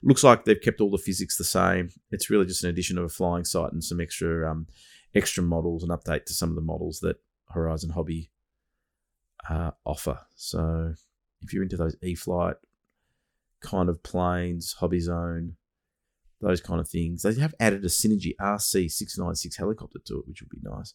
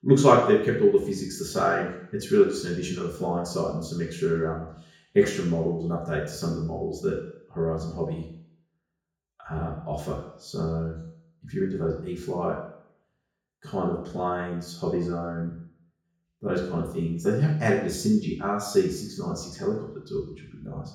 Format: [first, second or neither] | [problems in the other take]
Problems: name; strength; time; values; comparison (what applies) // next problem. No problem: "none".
first | room echo; noticeable; dies away in 0.7 s // off-mic speech; far